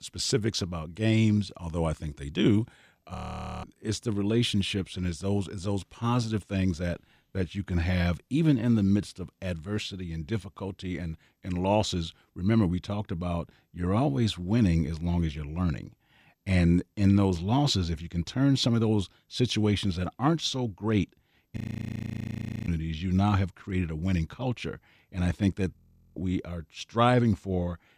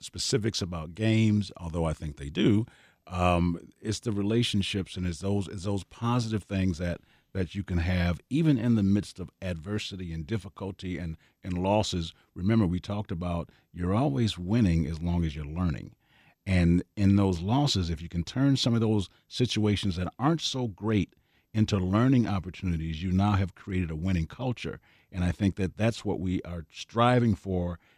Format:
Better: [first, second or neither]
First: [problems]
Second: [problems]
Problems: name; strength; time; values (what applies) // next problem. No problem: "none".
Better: second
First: audio freezing; at 3 s, at 22 s for 1 s and at 26 s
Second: none